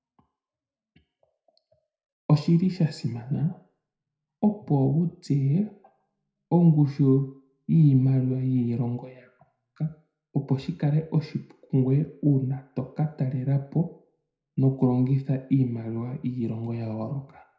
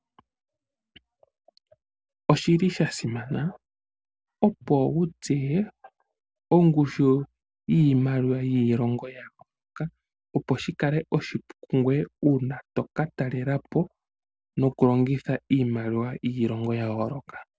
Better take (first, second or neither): second